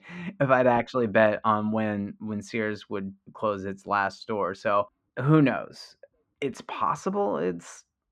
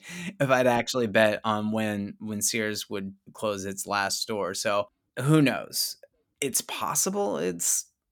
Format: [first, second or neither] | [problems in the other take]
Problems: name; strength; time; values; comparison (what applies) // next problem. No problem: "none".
second | muffled; very; fading above 2 kHz